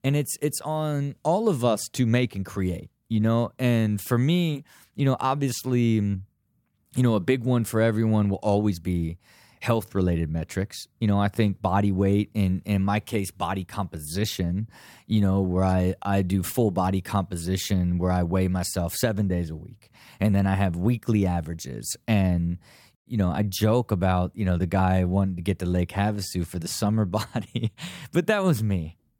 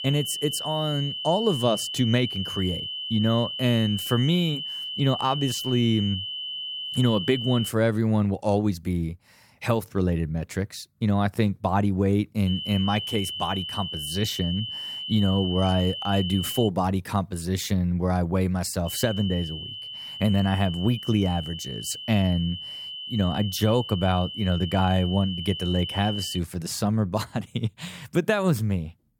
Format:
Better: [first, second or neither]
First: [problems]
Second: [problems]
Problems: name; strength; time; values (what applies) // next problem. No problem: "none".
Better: first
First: none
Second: high-pitched whine; loud; until 7.5 s, from 12 to 17 s and from 19 to 26 s; 3 kHz, 6 dB below the speech